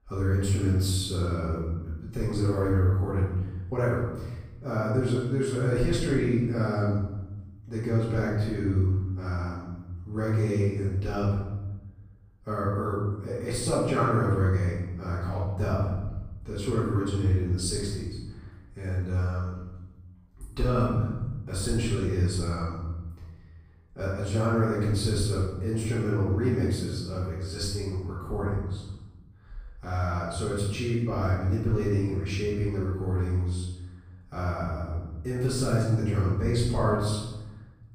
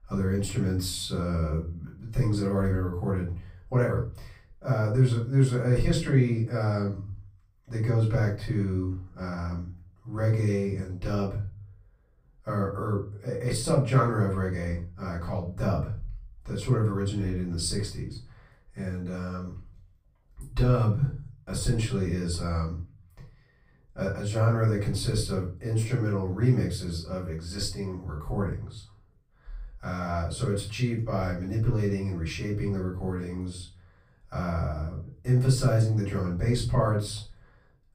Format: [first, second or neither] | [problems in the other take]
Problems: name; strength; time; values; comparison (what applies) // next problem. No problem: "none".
second | room echo; strong; dies away in 1.1 s; slight in the second // off-mic speech; far; far in the second